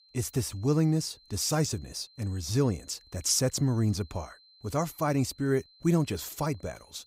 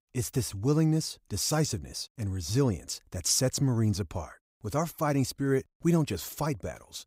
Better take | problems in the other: second | high-pitched whine; faint; throughout; 4 kHz, 25 dB below the speech

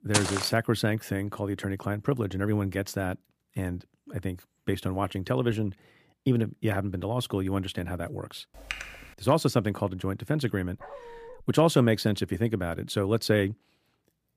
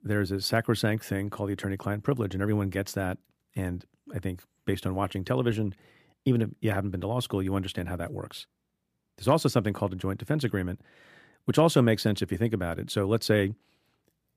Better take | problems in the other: second | footsteps; loud; at the start; peak 1 dB above the speech // keyboard typing; noticeable; at 8.5 s; peak 8 dB below the speech // dog barking; faint; at 11 s; peak 15 dB below the speech

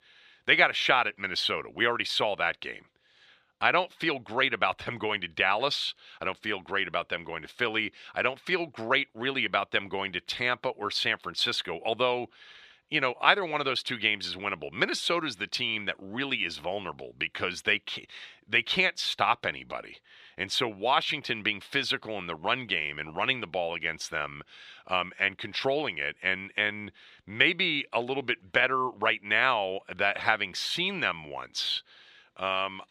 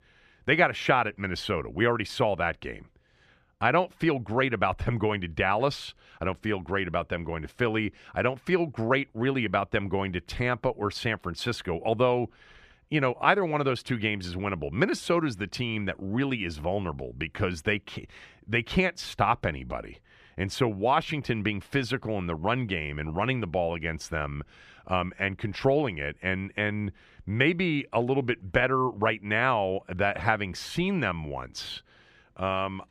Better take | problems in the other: second | thin; somewhat; fading below 550 Hz

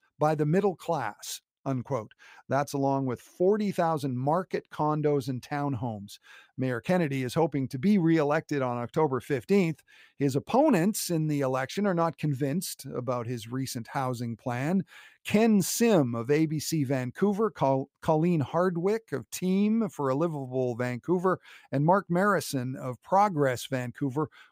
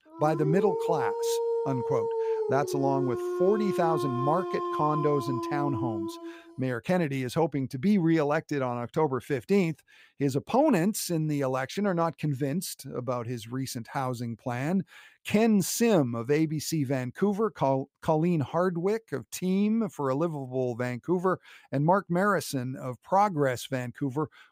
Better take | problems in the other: first | dog barking; loud; until 6.5 s; peak level with the speech

